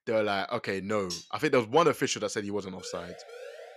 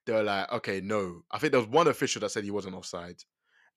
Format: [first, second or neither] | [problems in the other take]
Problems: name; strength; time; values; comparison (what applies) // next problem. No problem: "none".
second | clattering dishes; noticeable; at 1 s; peak 10 dB below the speech // siren; faint; at 3 s; peak 15 dB below the speech